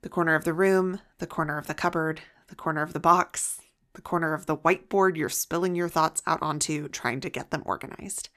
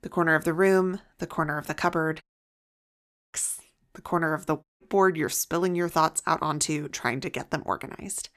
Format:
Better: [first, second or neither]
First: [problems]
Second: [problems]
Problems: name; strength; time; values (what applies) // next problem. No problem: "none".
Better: first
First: none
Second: audio cutting out; at 2 s for 1 s and at 4.5 s